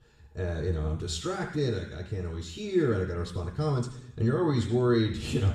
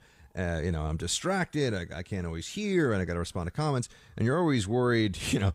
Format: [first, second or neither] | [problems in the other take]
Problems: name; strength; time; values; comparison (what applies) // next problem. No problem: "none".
second | room echo; noticeable; dies away in 0.7 s // off-mic speech; somewhat distant